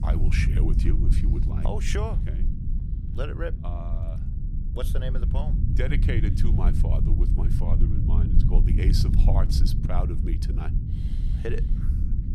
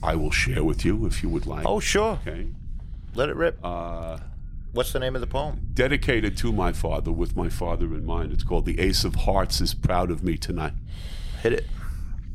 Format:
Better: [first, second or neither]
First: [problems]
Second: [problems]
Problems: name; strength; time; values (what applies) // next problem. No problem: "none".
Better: second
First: low rumble; loud; throughout; 4 dB below the speech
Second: low rumble; faint; throughout; 25 dB below the speech